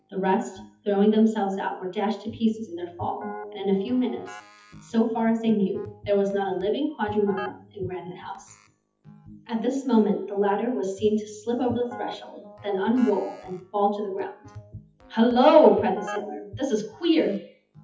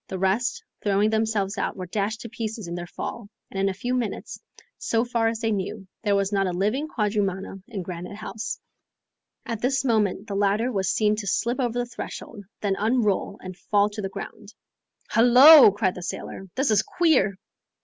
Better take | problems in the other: second | noise reduction (classical method WPE with log-MMSE)

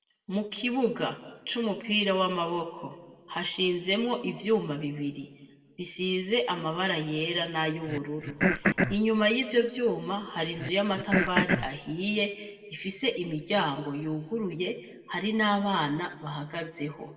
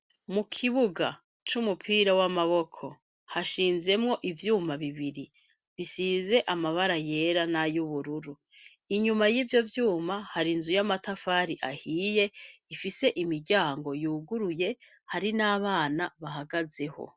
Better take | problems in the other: second | background sound (Cough); 1 dB below the speech // room echo; dies away in 1.1 s

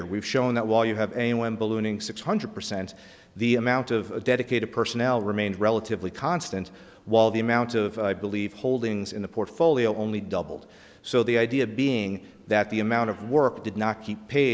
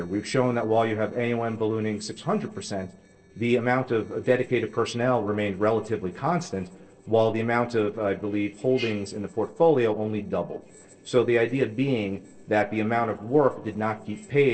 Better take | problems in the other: first | noise reduction (neural separator model SepFormer DNS4)

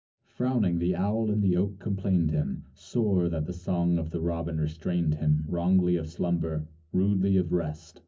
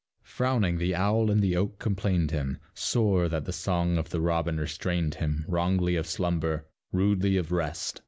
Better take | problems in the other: second | room echo; dies away in 0.3 s

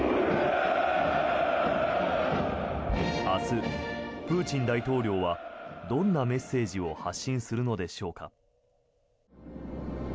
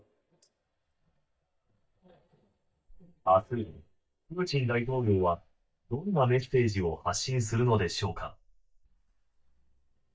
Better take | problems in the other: first | noise reduction (neural mask model DeepFilterNet 3)

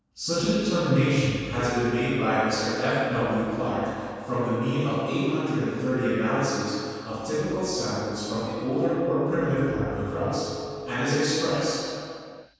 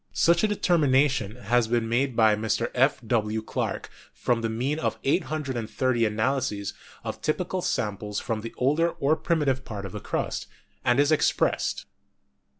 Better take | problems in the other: second | background sound (Telephone); 17 dB below the speech // room echo; dies away in 2.1 s

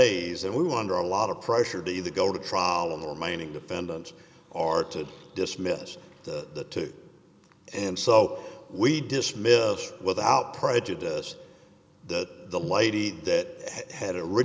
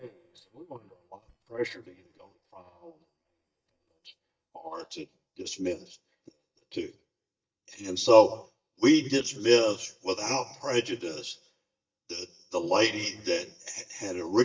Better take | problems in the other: first | noise reduction (neural mask model DeepFilterNet 3)

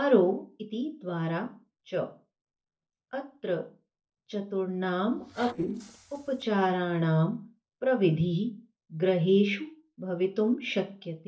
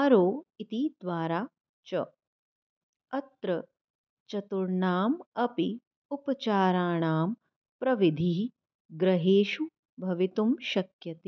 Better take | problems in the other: second | noise reduction (neural separator model SepFormer DNS4)

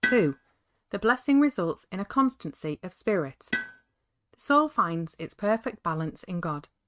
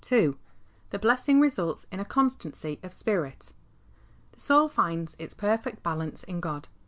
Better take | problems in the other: second | noise reduction (neural mask model RNNoise)

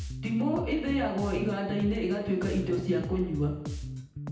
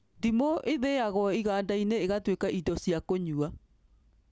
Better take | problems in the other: second | background sound (Bass guitar); 8 dB below the speech // room echo; dies away in 0.9 s

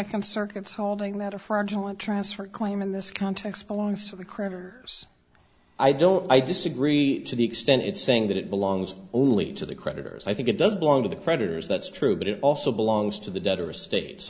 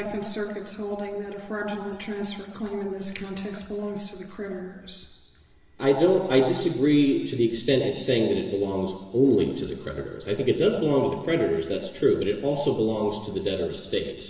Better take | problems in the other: first | room echo; dies away in 1.3 s

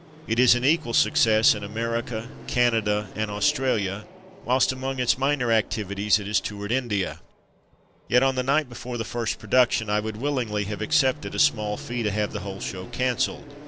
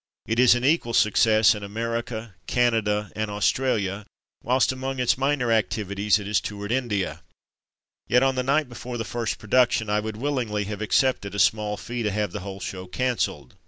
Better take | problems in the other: second | background sound (Fixed-wing aircraft, airplane); 17 dB below the speech

